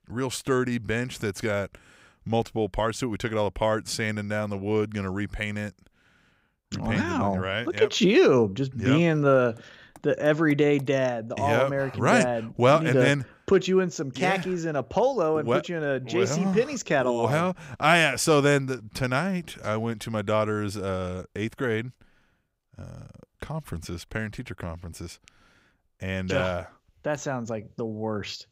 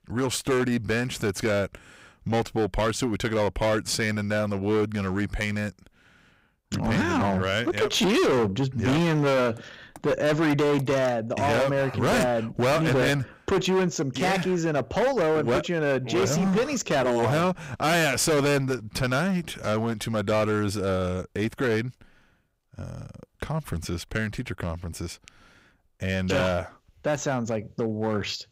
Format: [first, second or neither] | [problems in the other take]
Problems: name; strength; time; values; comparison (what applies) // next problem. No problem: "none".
first | distortion; heavy; 16% of the sound clipped